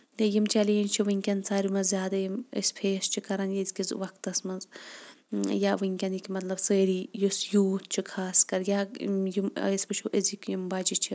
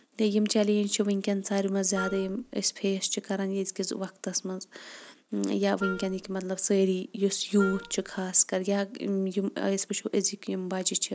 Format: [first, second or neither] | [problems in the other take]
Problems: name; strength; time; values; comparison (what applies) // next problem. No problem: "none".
first | background sound (Wind instrument, woodwind instrument); 10 dB below the speech